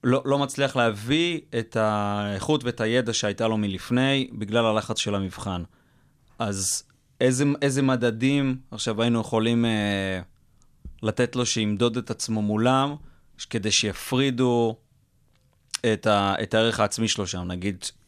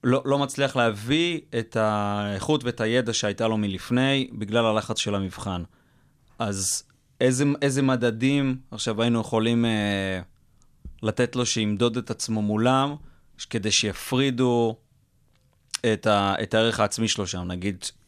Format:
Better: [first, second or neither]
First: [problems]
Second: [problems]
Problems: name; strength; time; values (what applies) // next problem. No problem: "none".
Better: neither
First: none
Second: none